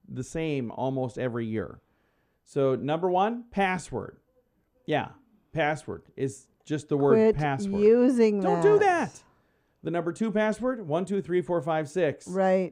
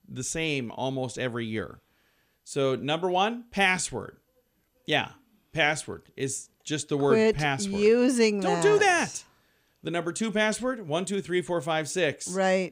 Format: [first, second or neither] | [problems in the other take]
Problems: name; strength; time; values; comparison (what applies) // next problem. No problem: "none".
second | muffled; slightly; fading above 2 kHz